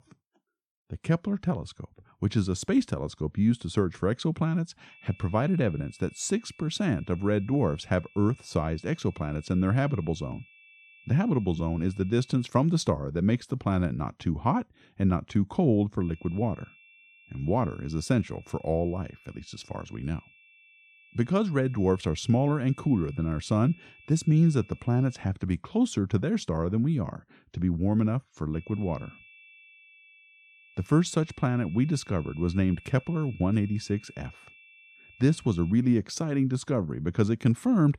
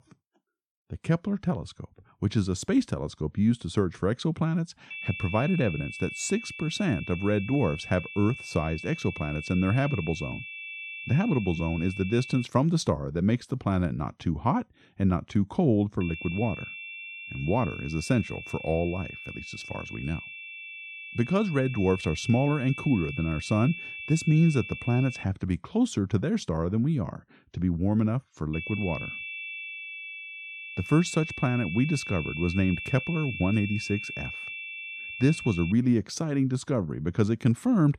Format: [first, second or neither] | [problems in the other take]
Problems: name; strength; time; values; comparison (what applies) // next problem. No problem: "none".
first | high-pitched whine; loud; from 5 to 12 s, from 16 to 25 s and from 29 to 36 s; 2.5 kHz, 9 dB below the speech; faint in the first